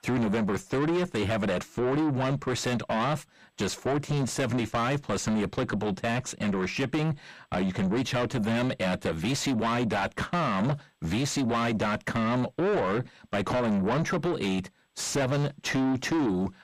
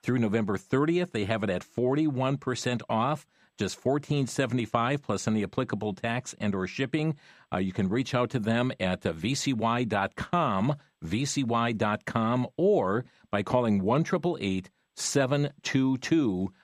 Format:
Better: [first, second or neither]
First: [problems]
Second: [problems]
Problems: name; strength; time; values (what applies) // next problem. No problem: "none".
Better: second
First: distortion; heavy; 6 dB below the speech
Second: none